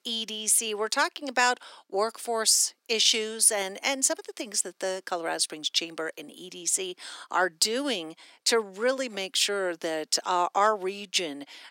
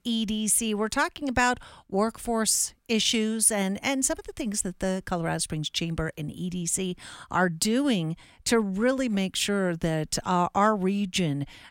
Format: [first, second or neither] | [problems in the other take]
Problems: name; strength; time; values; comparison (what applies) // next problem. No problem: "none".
second | thin; somewhat; fading below 350 Hz